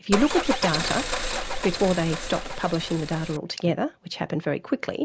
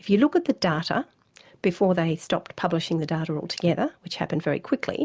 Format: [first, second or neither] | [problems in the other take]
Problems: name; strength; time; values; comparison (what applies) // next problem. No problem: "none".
second | background sound (Car); 3 dB below the speech